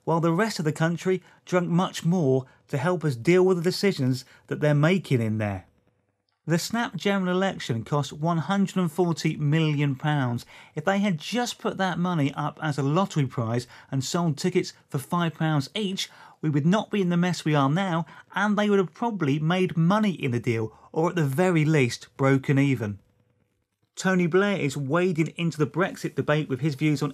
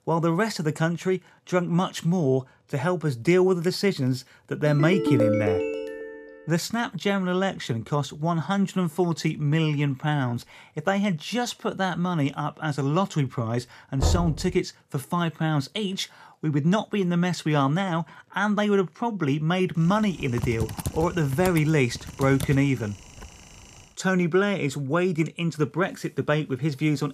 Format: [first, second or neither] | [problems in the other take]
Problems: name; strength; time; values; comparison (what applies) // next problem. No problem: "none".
first | phone ringing; loud; from 4.5 to 6 s; peak 2 dB above the speech // door banging; noticeable; at 14 s; peak 1 dB below the speech // keyboard typing; noticeable; from 20 to 23 s; peak 6 dB below the speech